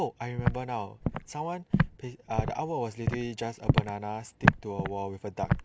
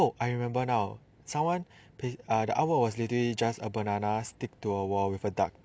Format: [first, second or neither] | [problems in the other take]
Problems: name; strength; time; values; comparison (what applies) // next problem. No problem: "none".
second | background sound (Walk, footsteps); 4 dB above the speech